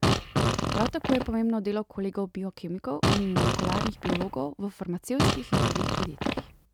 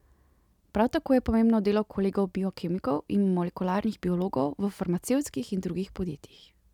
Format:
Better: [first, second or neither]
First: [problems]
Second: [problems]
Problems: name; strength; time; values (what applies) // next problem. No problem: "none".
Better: second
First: background sound (Fart); 4 dB above the speech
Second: none